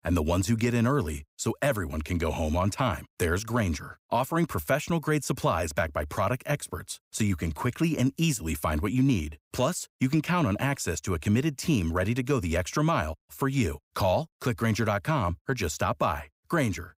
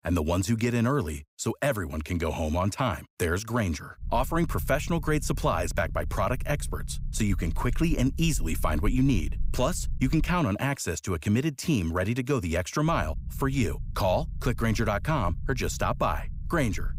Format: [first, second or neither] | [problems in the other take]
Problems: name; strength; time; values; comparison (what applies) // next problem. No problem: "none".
first | low rumble; faint; from 4 to 10 s and from 13 s on; 25 dB below the speech